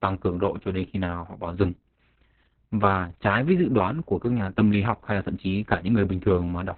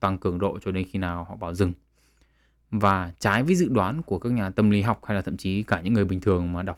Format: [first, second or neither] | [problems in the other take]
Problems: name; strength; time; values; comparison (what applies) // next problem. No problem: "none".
second | garbled, watery; badly; nothing above 4 kHz